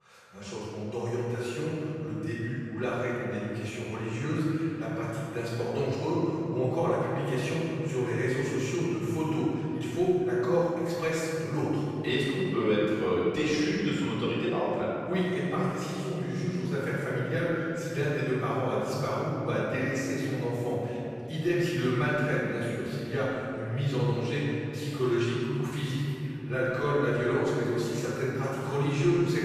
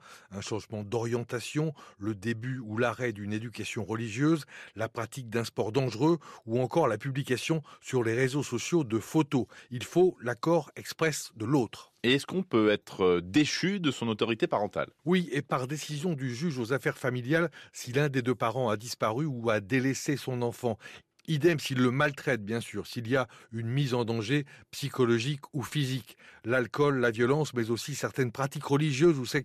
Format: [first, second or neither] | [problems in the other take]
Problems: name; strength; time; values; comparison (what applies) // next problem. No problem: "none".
second | off-mic speech; far // room echo; strong; dies away in 2.9 s